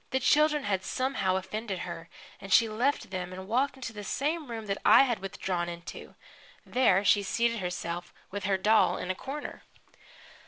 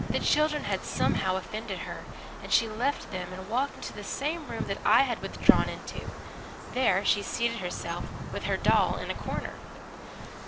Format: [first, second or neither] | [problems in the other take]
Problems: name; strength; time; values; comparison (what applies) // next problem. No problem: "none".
first | background sound (Wind); 2 dB below the speech